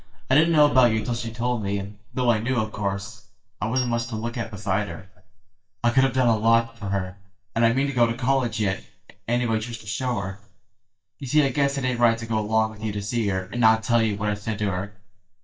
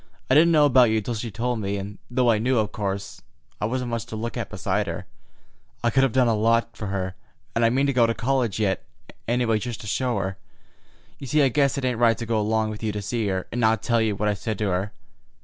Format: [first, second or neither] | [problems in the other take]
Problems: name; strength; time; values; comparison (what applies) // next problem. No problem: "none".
second | noise reduction (neural mask model DeepFilterNet 3)